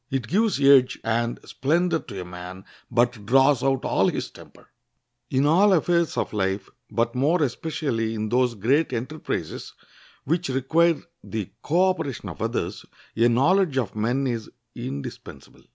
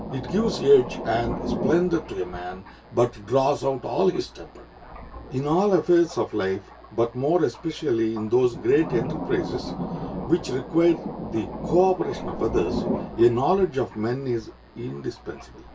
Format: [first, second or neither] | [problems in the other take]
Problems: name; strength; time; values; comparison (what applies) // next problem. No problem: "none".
first | background sound (Thunder); 9 dB below the speech // room echo; dies away in 0.1 s